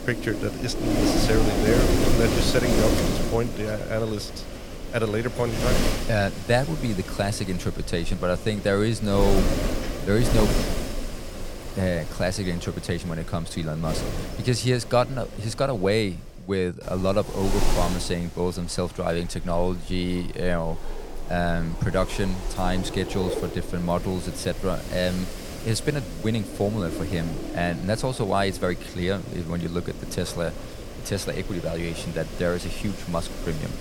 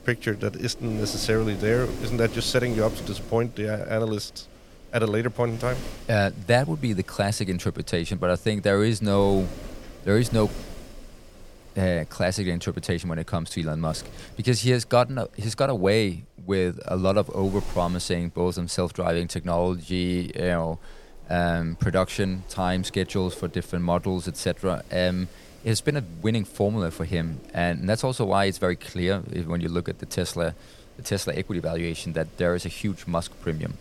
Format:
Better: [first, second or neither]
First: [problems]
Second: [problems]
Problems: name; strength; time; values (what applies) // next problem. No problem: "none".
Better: second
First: wind noise on the microphone; heavy; 5 dB below the speech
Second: wind noise on the microphone; occasional gusts; 20 dB below the speech